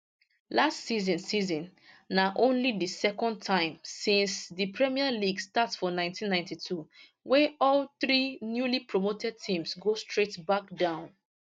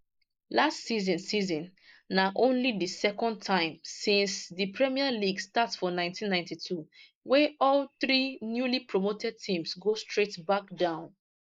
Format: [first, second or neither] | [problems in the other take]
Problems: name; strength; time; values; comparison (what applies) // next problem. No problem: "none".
first | noise reduction (neural mask model Resemble Enhance denoiser)